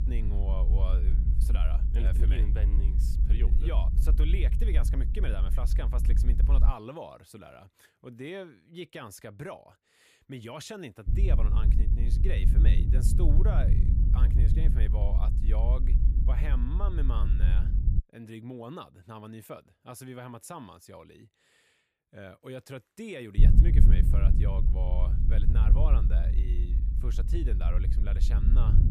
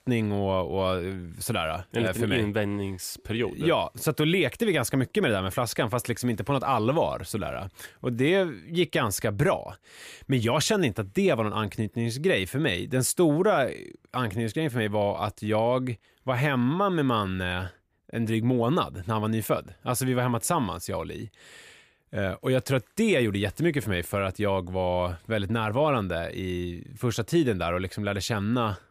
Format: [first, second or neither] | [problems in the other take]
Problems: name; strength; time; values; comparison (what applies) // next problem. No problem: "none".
second | low rumble; loud; until 6.5 s, from 11 to 18 s and from 23 s on; 3 dB below the speech